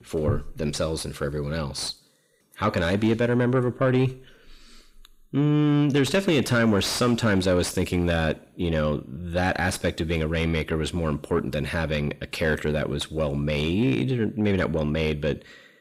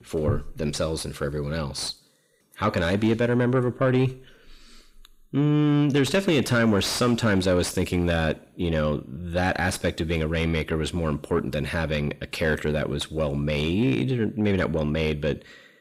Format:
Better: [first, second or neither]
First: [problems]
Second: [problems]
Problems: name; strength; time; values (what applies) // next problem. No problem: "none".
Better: neither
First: distortion; slight; 10 dB below the speech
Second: distortion; slight; 10 dB below the speech